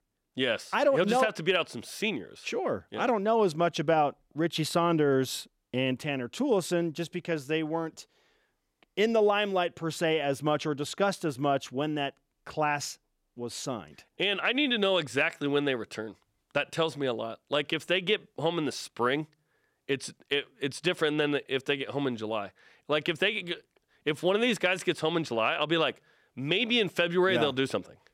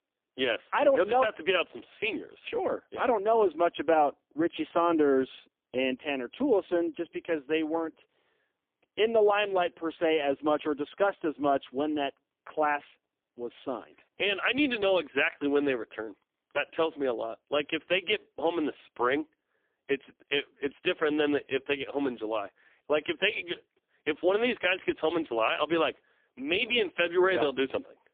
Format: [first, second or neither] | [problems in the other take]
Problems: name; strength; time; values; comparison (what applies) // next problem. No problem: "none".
first | phone-call audio; poor line; nothing above 3.5 kHz